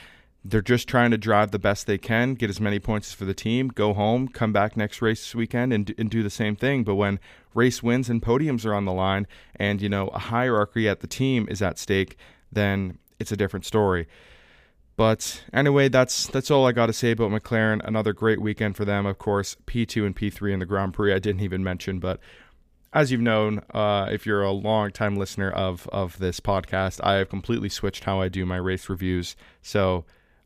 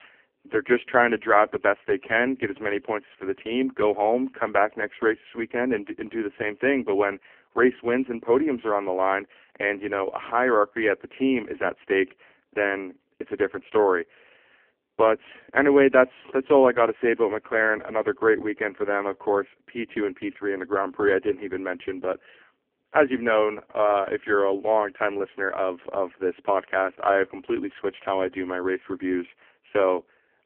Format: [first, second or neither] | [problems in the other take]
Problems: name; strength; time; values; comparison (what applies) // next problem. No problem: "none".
first | phone-call audio; poor line; nothing above 3 kHz